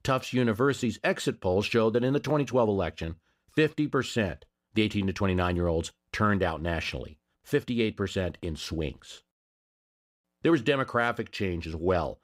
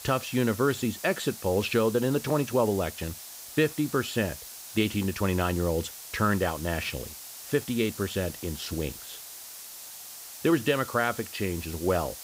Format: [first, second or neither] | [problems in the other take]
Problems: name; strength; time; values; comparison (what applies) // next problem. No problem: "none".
first | hiss; noticeable; throughout; 10 dB below the speech